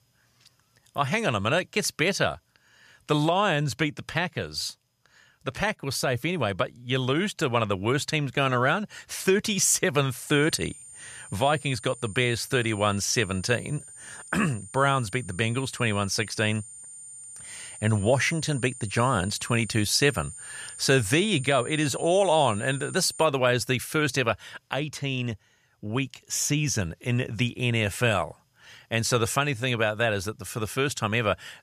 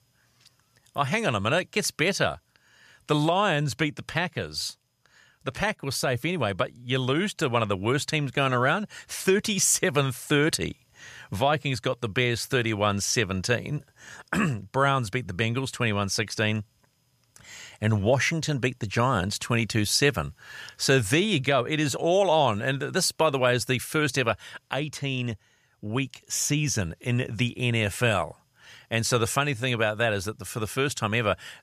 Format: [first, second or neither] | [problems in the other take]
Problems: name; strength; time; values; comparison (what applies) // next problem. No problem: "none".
second | high-pitched whine; noticeable; from 10 to 23 s; 9 kHz, 15 dB below the speech